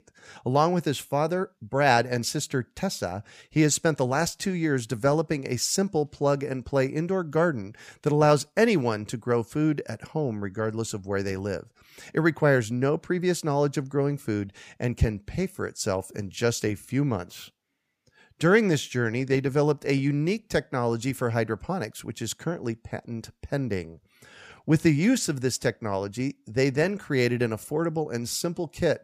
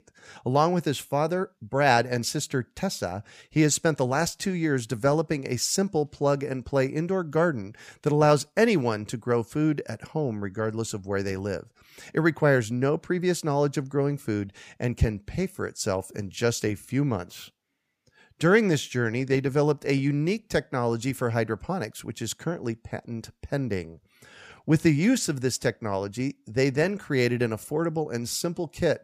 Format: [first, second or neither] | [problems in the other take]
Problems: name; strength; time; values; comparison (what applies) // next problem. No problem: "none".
neither | none